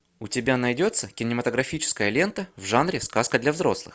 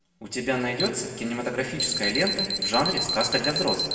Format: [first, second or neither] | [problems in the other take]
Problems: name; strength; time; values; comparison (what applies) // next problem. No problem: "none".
first | background sound (Alarm); 3 dB below the speech // room echo; dies away in 2.2 s